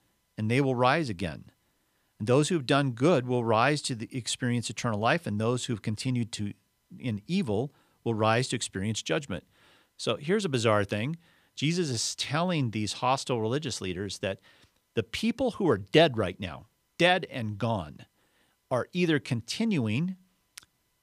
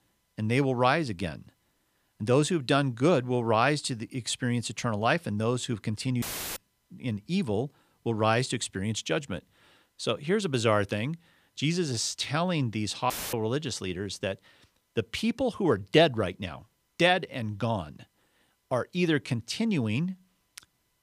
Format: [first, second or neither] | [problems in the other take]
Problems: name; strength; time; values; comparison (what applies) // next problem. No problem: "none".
first | audio cutting out; filled with static; at 6 s and at 13 s